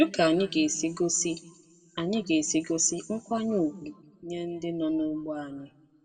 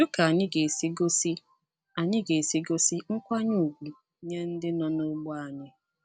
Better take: second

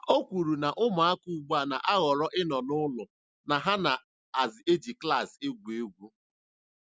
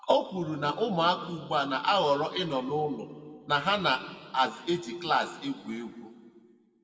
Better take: first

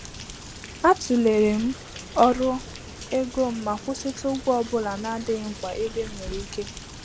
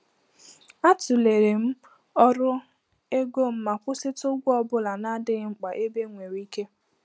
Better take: second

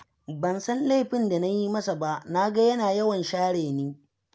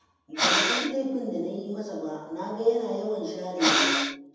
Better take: first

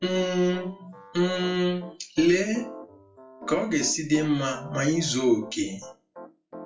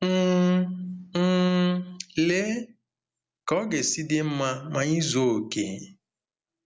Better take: second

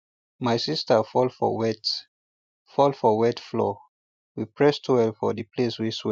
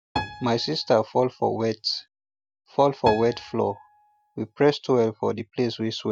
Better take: first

